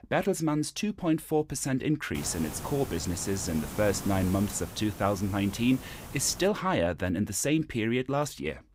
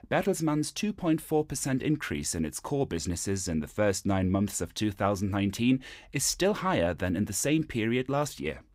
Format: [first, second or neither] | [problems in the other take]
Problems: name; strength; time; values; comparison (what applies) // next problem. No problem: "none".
second | hiss; noticeable; from 2 to 6.5 s; 10 dB below the speech